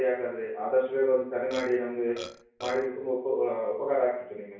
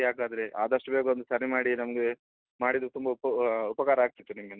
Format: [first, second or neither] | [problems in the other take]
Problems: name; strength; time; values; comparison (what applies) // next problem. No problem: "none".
second | background sound (Burping, eructation); 14 dB below the speech // room echo; dies away in 0.6 s